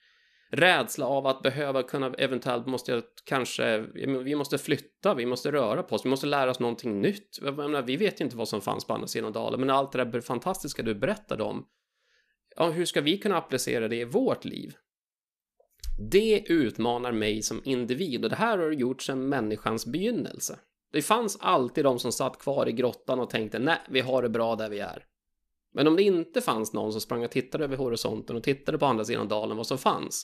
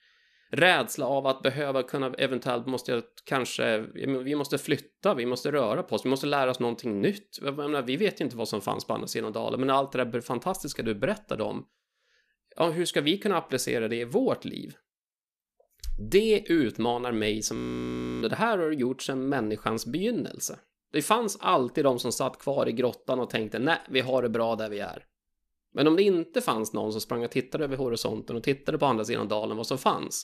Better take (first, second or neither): first